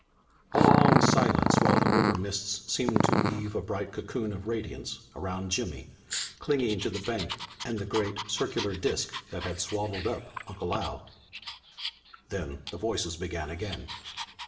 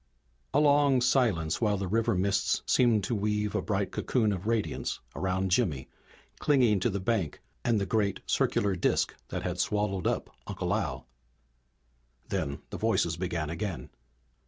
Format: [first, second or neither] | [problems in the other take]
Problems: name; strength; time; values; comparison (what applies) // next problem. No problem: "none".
second | background sound (Growling); 2 dB above the speech // room echo; dies away in 0.8 s